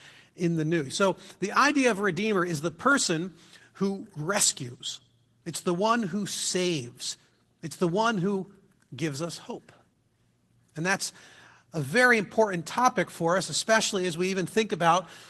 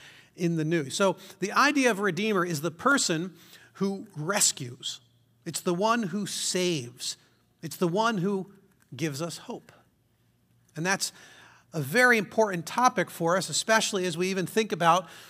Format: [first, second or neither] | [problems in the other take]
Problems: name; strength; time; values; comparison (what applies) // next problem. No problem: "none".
second | garbled, watery; slightly; nothing above 12 kHz